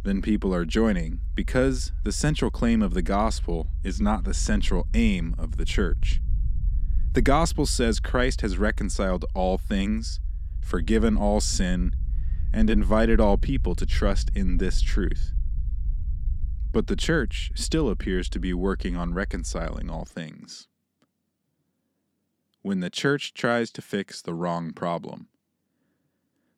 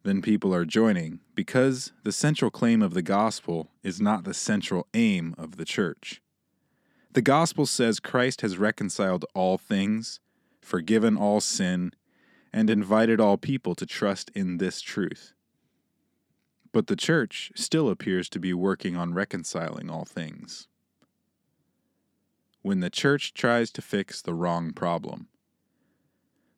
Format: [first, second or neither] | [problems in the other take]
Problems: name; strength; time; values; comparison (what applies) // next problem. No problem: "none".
second | low rumble; faint; until 20 s; 25 dB below the speech